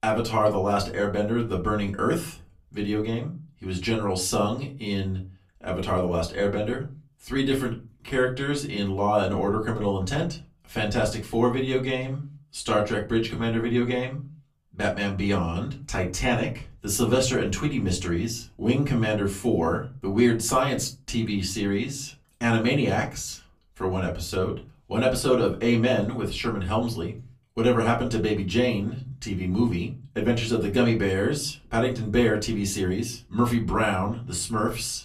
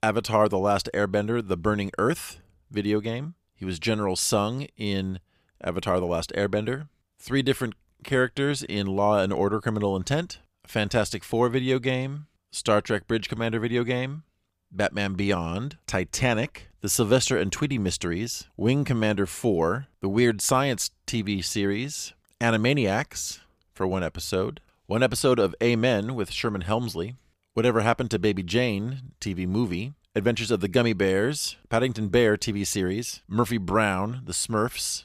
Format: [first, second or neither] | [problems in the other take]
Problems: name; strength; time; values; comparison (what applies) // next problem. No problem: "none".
second | off-mic speech; far // room echo; very slight; dies away in 0.3 s